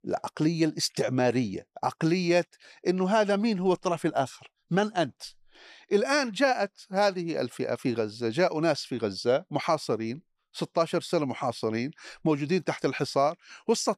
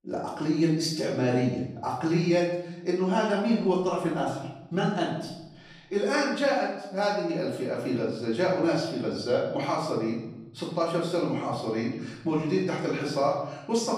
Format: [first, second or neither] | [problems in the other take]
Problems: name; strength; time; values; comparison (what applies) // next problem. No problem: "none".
first | off-mic speech; far // room echo; noticeable; dies away in 0.9 s